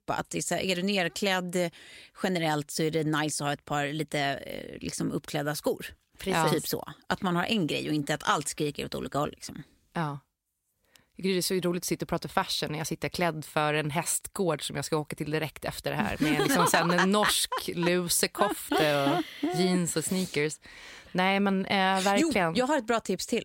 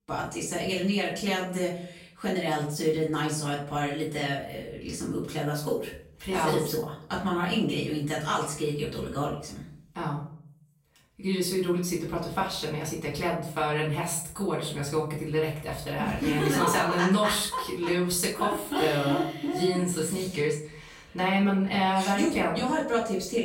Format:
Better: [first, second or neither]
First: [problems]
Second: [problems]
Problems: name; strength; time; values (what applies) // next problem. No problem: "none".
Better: first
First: none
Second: off-mic speech; far // room echo; noticeable; dies away in 0.5 s